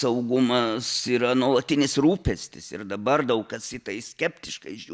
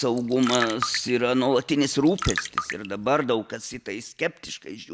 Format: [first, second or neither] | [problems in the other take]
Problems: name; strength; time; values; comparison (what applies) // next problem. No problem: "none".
first | background sound (Trickle, dribble); 8 dB below the speech